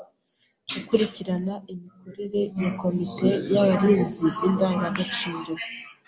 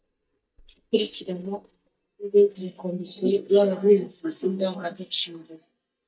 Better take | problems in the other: first | noise reduction (neural mask model DeepFilterNet 3)

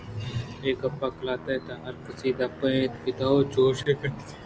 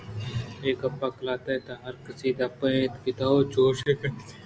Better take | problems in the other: second | background sound (Aircraft); 16 dB below the speech

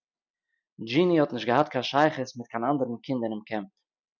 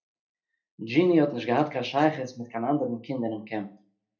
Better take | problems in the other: first | room echo; dies away in 0.3 s

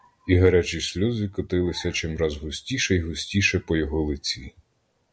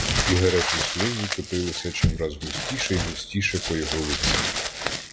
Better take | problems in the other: first | background sound (Crumpling, crinkling); as loud as the speech

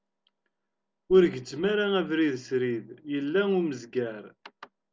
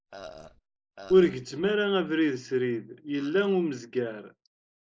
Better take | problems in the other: first | noise reduction (neural mask model Resemble Enhance denoiser)

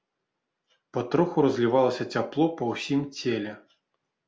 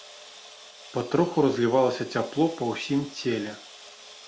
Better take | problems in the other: first | background sound (Sawing); 19 dB below the speech

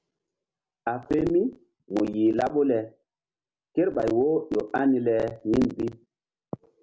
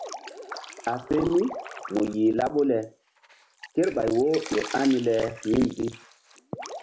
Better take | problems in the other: first | background sound (Drip); 15 dB below the speech

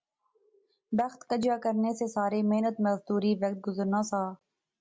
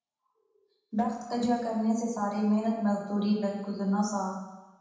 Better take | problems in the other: first | room echo; dies away in 1.1 s

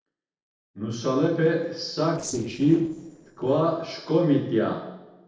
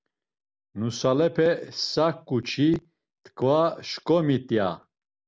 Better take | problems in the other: second | noise reduction (neural separator model SepFormer DNS4)

